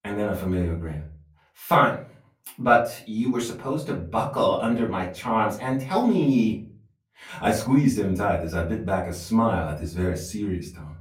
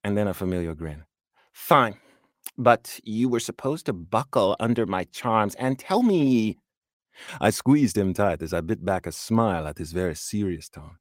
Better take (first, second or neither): second